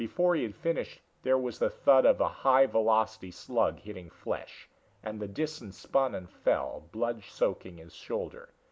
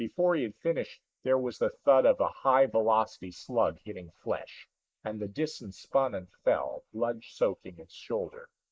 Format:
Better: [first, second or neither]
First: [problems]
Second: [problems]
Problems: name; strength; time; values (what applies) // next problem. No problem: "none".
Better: first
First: none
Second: noise reduction (neural mask model Resemble Enhance denoiser)